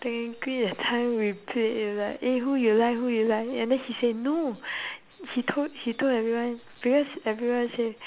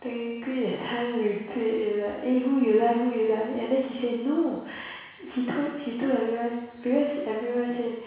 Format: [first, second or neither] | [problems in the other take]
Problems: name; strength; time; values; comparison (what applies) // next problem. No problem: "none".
first | room echo; dies away in 1.1 s